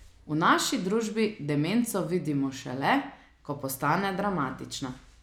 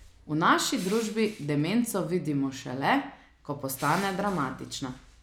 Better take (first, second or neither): first